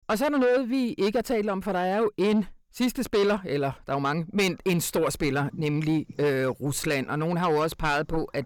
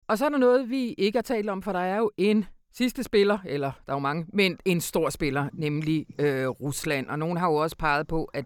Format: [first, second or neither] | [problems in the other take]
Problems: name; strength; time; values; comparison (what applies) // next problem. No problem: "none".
second | distortion; slight; 10 dB below the speech